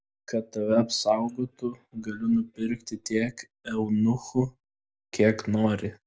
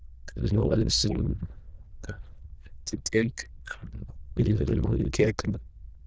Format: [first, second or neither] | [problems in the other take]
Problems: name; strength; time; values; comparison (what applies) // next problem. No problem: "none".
first | noise reduction (neural diffusion model UNIVERSE++)